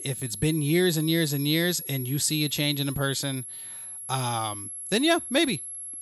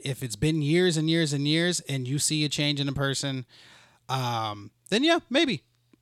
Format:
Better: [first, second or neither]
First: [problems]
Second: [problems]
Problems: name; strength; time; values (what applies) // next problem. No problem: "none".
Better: second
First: high-pitched whine; loud; throughout; 11 kHz, 9 dB below the speech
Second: none